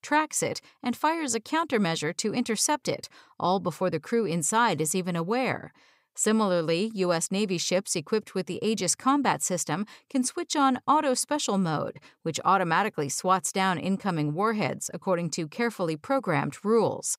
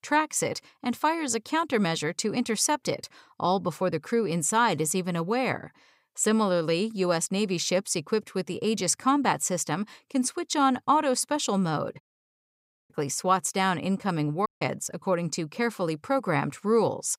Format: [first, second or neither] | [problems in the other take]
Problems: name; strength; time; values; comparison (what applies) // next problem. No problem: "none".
first | audio cutting out; at 12 s for 1 s and at 14 s